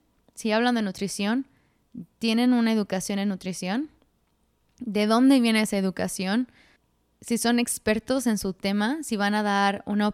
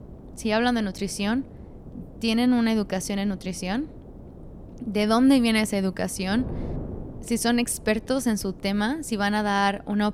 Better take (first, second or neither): first